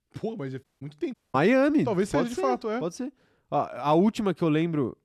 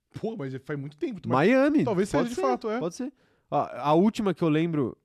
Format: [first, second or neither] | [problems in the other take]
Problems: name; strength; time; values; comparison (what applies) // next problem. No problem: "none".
second | audio cutting out; at 0.5 s and at 1 s